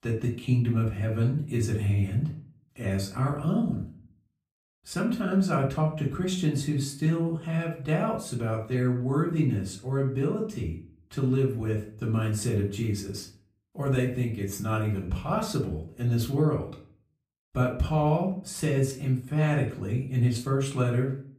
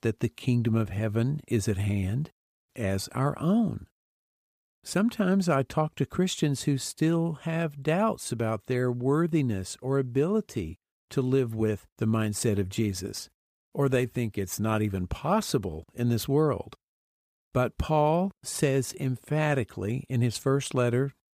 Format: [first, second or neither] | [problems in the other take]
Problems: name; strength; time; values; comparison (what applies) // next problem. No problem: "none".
second | off-mic speech; far // room echo; slight; dies away in 0.4 s